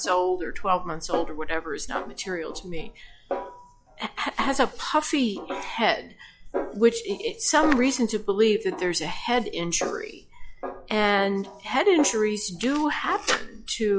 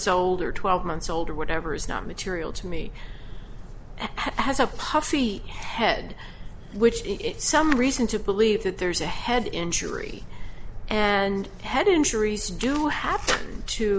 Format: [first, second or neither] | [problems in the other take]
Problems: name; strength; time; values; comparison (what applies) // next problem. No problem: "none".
second | noise reduction (classical method log-MMSE)